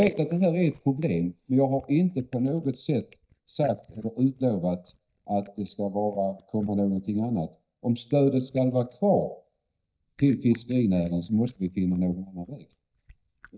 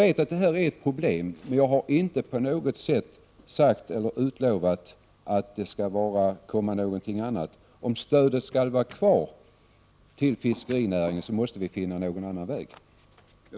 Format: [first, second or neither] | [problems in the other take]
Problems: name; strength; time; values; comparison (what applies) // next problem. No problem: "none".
second | noise reduction (neural mask model DeepFilterNet 3)